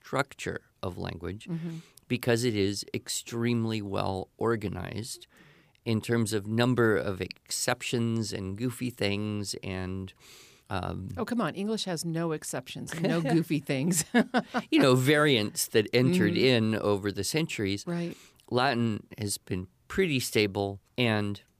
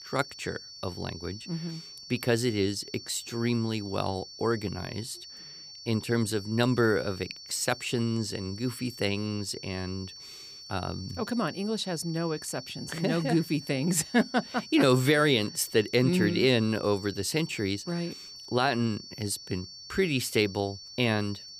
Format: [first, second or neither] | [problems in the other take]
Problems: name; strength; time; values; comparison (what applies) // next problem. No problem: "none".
first | high-pitched whine; noticeable; throughout; 4.5 kHz, 15 dB below the speech